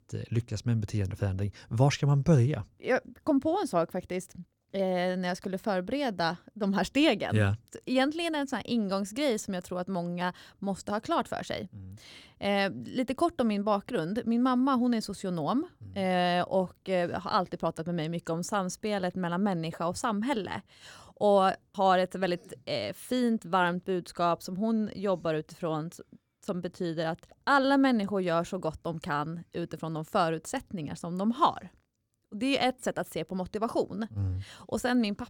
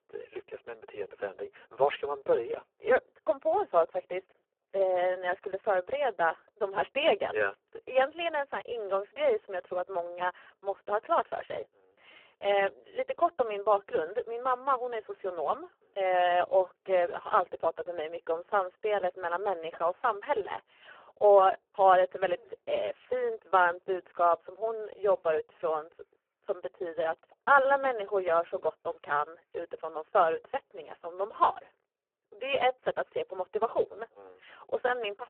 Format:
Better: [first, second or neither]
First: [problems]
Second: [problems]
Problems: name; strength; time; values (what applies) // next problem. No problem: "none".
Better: first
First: none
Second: phone-call audio; poor line